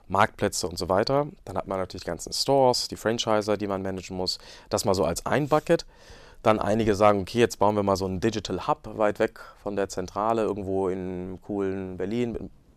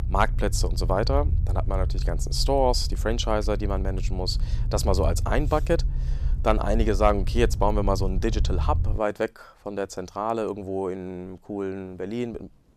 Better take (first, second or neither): first